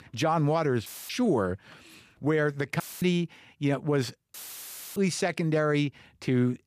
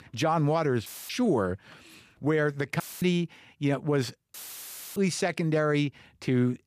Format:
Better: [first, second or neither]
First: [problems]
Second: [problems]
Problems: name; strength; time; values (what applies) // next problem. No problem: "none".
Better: neither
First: audio cutting out; filled with static; at 1 s, at 3 s and at 4.5 s for 0.5 s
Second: audio cutting out; filled with static; at 1 s, at 3 s and at 4.5 s for 0.5 s